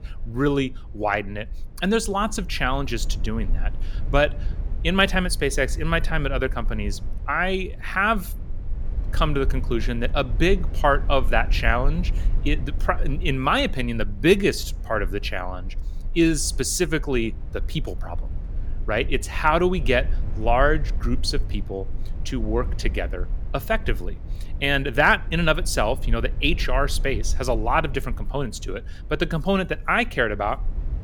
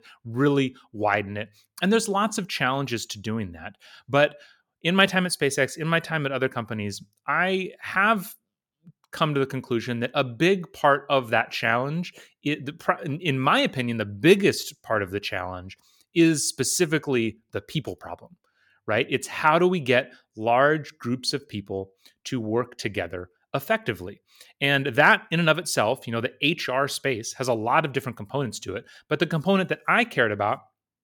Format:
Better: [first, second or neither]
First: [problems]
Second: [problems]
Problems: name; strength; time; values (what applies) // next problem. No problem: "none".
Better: second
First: low rumble; faint; throughout; 25 dB below the speech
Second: none